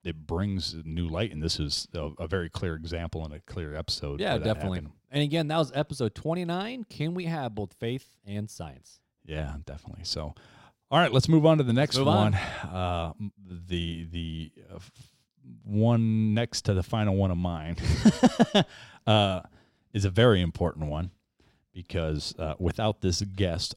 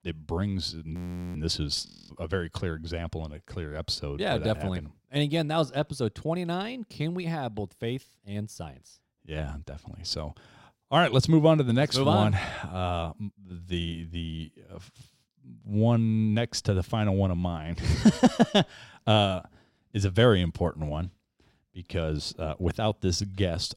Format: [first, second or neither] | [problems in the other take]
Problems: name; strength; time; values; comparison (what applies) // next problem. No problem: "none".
first | audio freezing; at 1 s and at 2 s